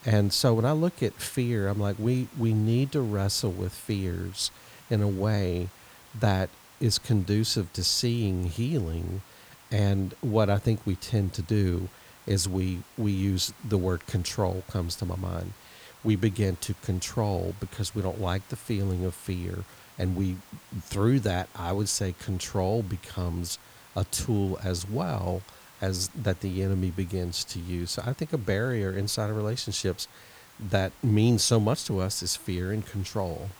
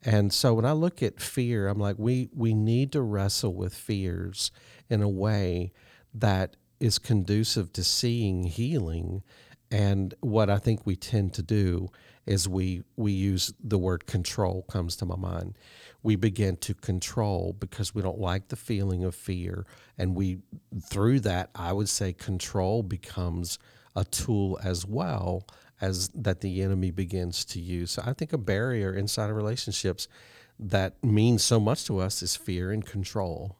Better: second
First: hiss; faint; throughout; 25 dB below the speech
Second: none

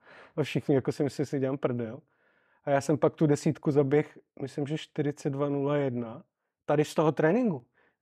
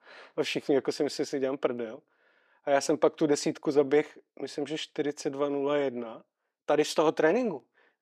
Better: first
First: none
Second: thin; very slightly; fading below 350 Hz

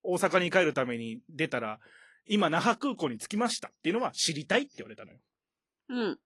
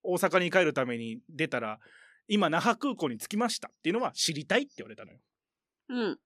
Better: second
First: garbled, watery; slightly; nothing above 11 kHz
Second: none

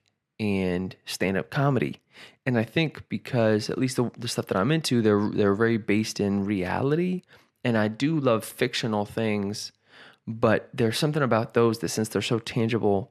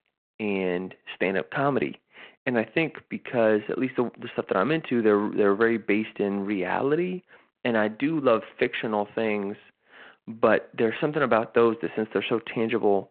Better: first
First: none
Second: phone-call audio

